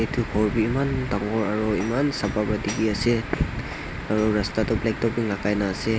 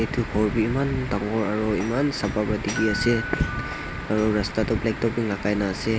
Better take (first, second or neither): first